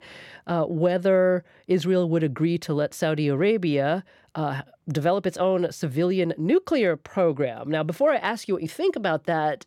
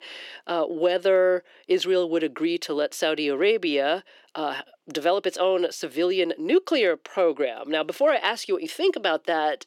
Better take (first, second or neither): first